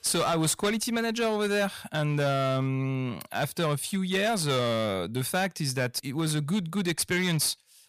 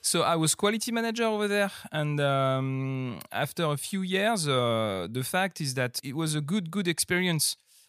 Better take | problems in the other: second | distortion; slight; 12% of the sound clipped

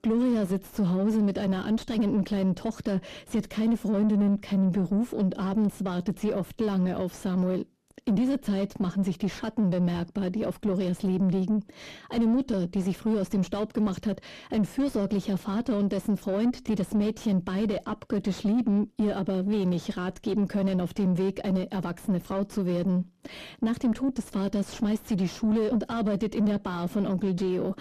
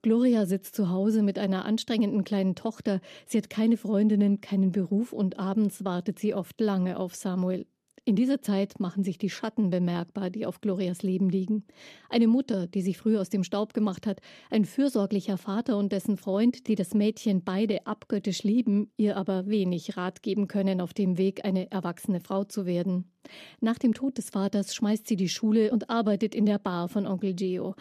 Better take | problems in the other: second | distortion; slight; 9 dB below the speech

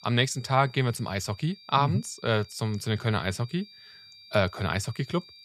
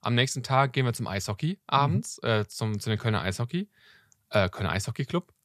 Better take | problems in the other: second | high-pitched whine; faint; throughout; 4.5 kHz, 20 dB below the speech

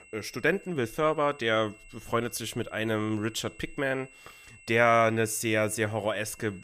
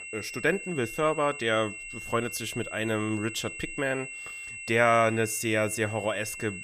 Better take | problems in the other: first | high-pitched whine; loud; throughout; 2.5 kHz, 10 dB below the speech; faint in the first

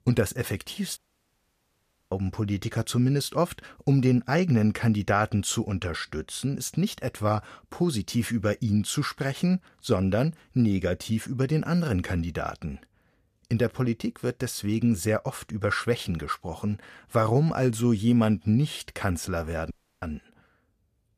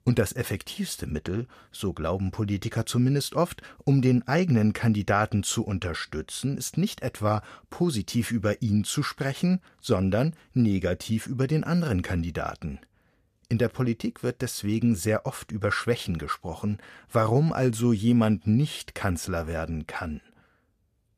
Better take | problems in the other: second | audio cutting out; at 1 s for 1 s and at 20 s

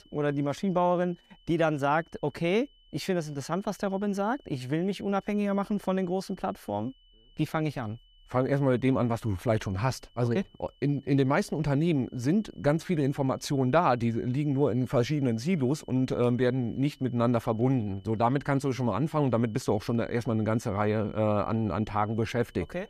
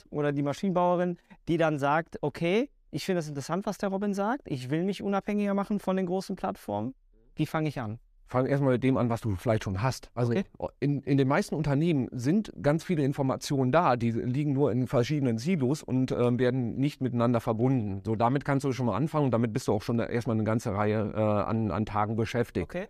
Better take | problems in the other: second | high-pitched whine; faint; throughout; 3 kHz, 35 dB below the speech

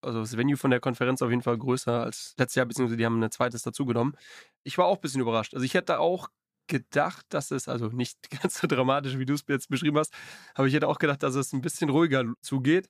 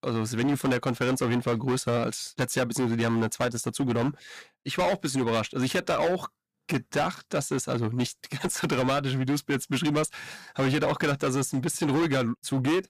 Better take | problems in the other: first | distortion; heavy; 16% of the sound clipped

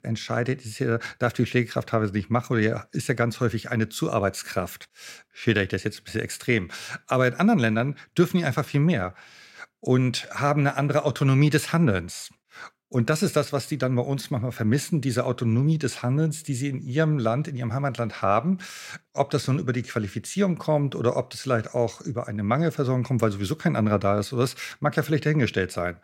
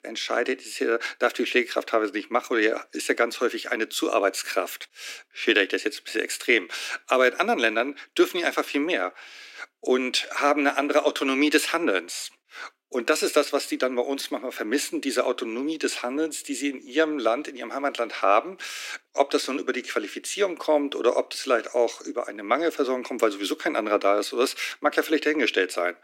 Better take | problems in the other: first | thin; somewhat; fading below 300 Hz

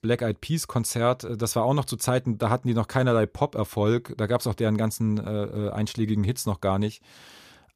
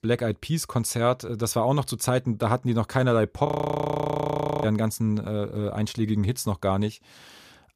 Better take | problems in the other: first | audio freezing; at 3.5 s for 1 s

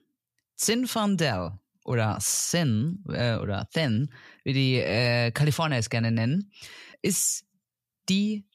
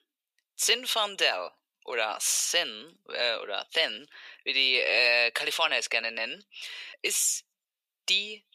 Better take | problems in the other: first | thin; very; fading below 450 Hz

